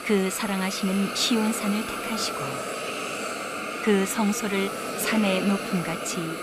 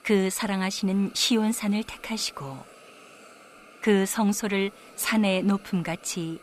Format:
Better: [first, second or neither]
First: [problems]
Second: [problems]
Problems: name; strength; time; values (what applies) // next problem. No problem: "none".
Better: second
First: hiss; loud; throughout; 5 dB below the speech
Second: hiss; faint; throughout; 25 dB below the speech